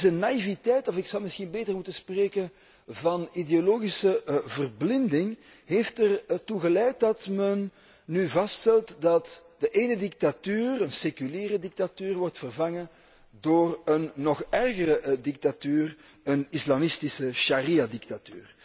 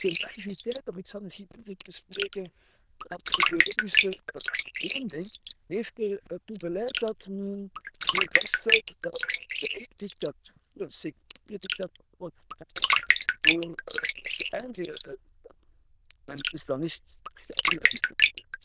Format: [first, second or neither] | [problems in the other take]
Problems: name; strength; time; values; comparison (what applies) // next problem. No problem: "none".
first | noise reduction (neural diffusion model UNIVERSE++)